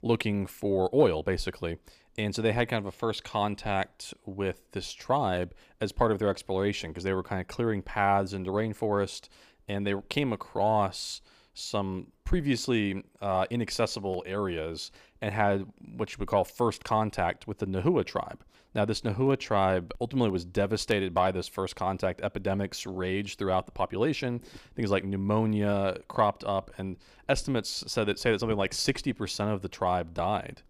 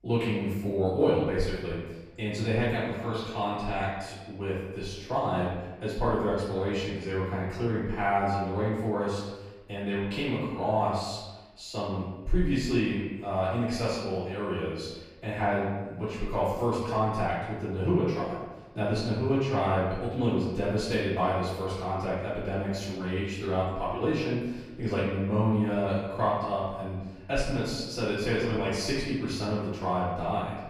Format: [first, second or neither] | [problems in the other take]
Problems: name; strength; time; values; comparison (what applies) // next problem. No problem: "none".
first | room echo; noticeable; dies away in 1.1 s // off-mic speech; far